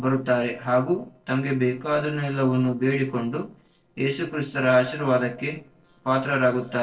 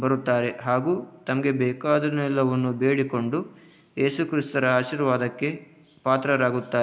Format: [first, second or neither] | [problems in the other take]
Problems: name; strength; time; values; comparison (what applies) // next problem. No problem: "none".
second | noise reduction (neural separator model SepFormer DNS4)